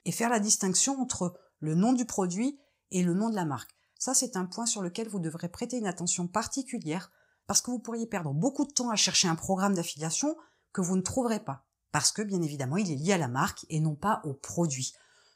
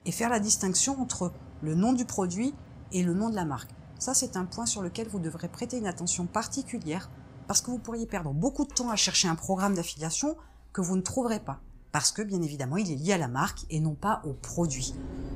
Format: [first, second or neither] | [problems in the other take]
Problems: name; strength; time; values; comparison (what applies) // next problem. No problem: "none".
first | machinery noise; noticeable; throughout; 20 dB below the speech